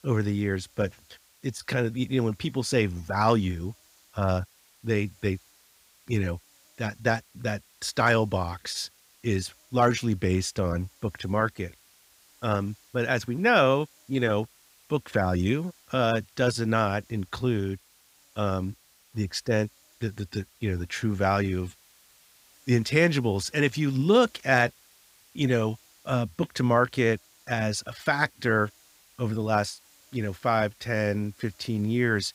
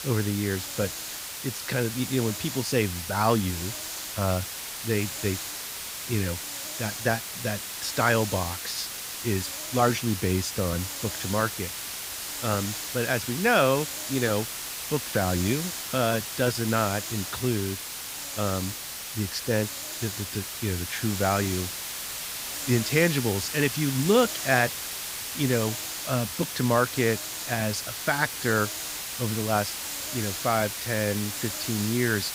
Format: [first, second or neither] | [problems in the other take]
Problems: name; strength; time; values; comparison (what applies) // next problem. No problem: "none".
first | hiss; loud; throughout; 4 dB below the speech; faint in the first